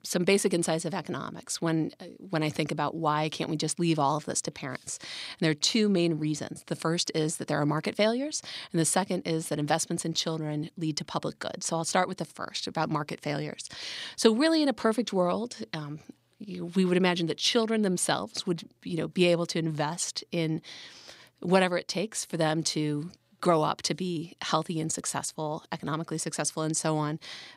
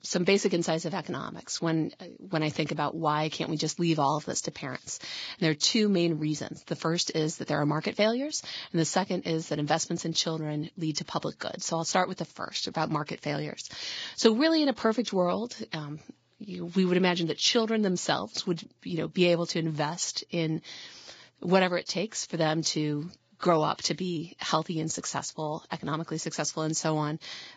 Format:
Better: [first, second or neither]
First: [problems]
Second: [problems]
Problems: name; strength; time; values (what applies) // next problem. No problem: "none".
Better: first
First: none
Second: garbled, watery; badly; nothing above 7.5 kHz